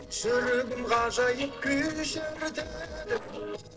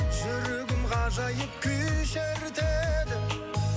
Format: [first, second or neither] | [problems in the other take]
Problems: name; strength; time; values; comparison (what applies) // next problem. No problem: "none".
second | noise reduction (neural separator model SepFormer DNS4)